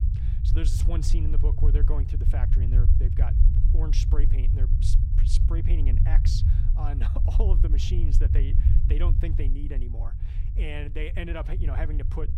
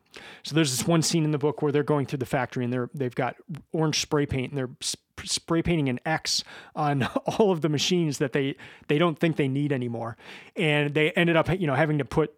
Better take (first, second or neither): second